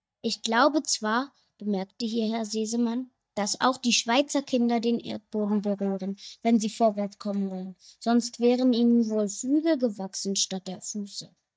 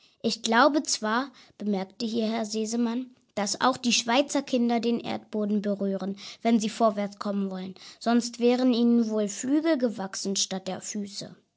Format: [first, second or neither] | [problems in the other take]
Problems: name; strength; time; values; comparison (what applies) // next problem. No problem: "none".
second | noise reduction (neural mask model DeepFilterNet 3)